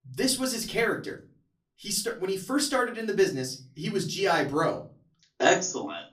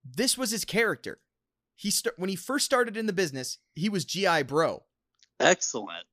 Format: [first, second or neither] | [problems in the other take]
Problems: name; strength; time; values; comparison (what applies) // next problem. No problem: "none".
second | off-mic speech; far // room echo; very slight; dies away in 0.3 s